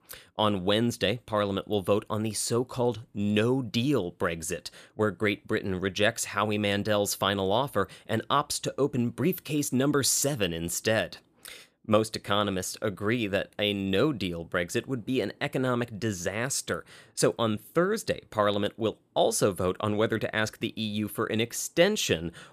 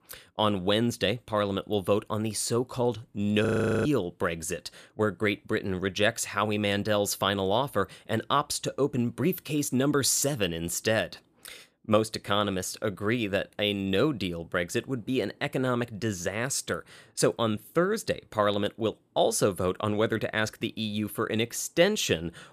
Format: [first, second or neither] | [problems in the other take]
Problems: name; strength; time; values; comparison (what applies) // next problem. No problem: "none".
first | audio freezing; at 3.5 s